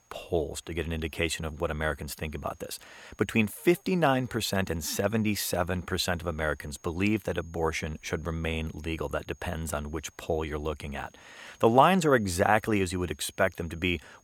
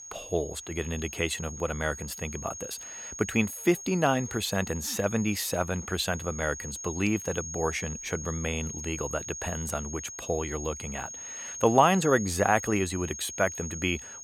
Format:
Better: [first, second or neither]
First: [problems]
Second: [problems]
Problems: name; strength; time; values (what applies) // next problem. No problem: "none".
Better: first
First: high-pitched whine; faint; throughout; 6.5 kHz, 30 dB below the speech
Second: high-pitched whine; loud; throughout; 6.5 kHz, 9 dB below the speech